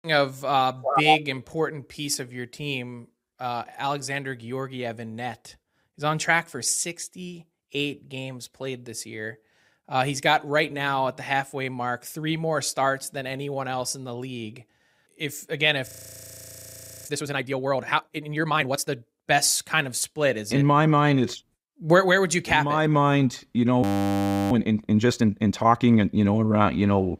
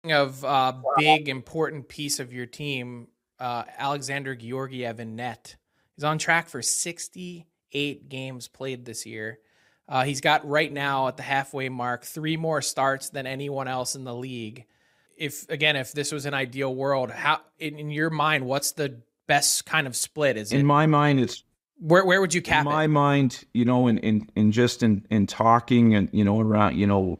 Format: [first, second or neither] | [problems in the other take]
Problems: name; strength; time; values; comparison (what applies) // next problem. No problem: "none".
second | audio freezing; at 16 s for 1 s and at 24 s for 0.5 s